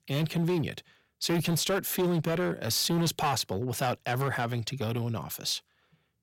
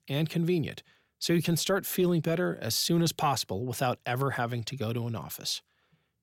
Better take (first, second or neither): second